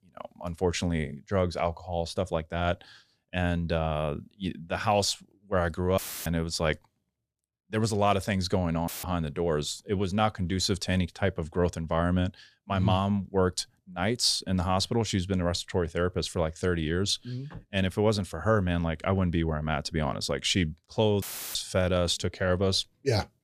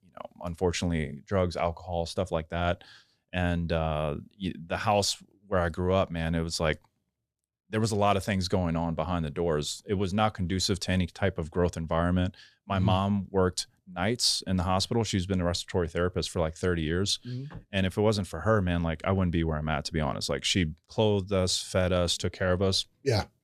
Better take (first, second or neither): second